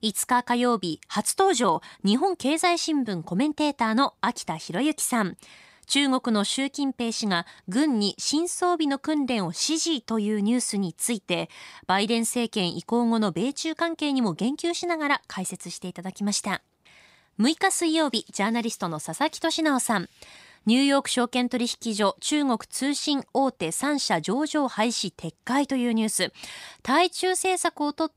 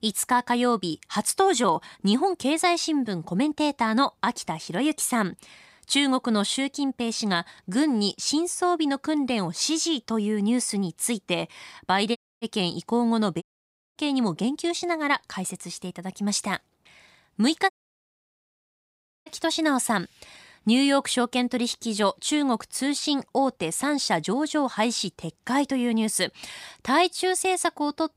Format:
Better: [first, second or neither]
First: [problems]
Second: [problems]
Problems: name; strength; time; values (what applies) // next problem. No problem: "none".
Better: first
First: none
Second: audio cutting out; at 12 s, at 13 s for 0.5 s and at 18 s for 1.5 s